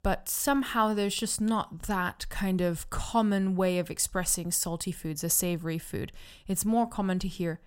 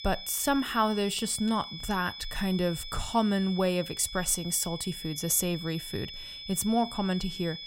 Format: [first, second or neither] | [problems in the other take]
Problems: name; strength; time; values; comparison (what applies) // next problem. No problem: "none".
first | high-pitched whine; noticeable; throughout; 3.5 kHz, 10 dB below the speech